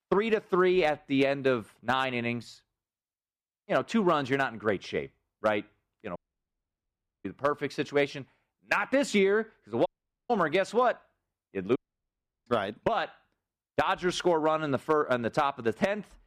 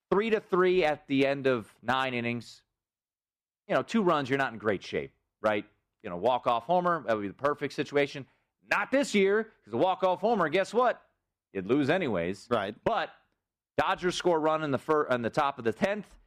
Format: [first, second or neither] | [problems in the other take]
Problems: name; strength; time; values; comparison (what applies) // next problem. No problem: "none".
second | audio cutting out; at 6 s for 1 s, at 10 s and at 12 s for 0.5 s